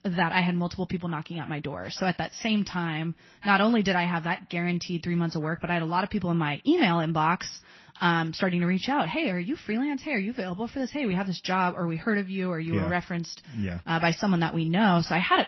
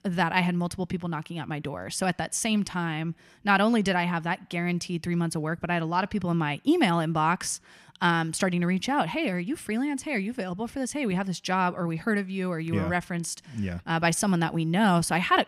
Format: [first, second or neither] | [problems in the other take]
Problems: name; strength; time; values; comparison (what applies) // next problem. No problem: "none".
second | garbled, watery; slightly; nothing above 6 kHz